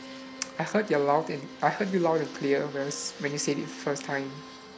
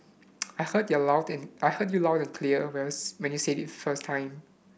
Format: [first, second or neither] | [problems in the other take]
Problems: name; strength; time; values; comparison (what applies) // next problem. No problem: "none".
second | background sound (Organ + Fixed-wing aircraft, airplane); 14 dB below the speech